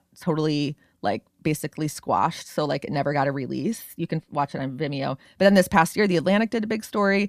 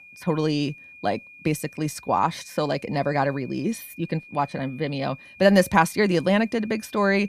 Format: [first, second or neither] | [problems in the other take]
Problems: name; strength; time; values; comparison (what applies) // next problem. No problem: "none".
first | high-pitched whine; faint; throughout; 2.5 kHz, 20 dB below the speech